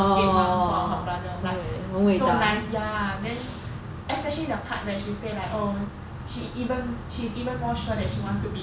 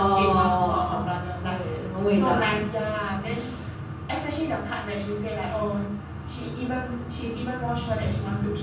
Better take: first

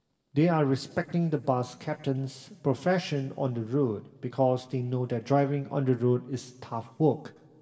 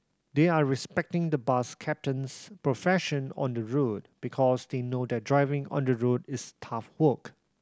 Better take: second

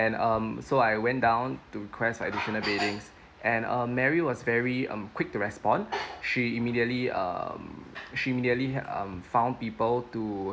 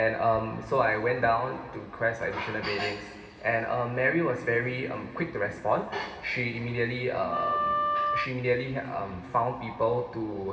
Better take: first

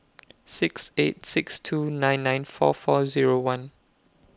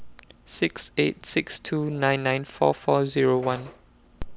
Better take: first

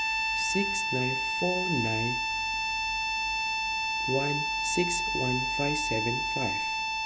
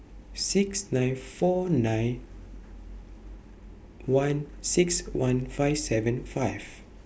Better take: second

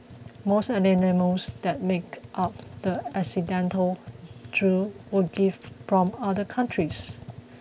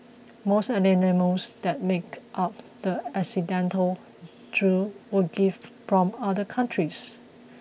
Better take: second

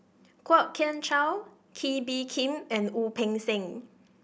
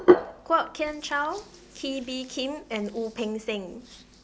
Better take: first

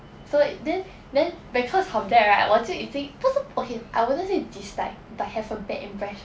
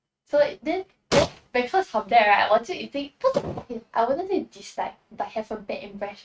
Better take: first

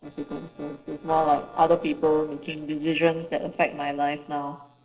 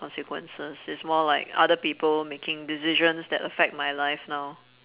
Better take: second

